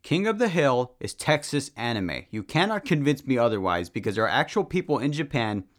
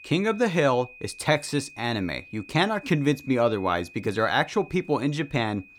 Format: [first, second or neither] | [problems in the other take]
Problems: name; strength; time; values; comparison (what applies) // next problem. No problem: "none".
first | high-pitched whine; faint; throughout; 2.5 kHz, 20 dB below the speech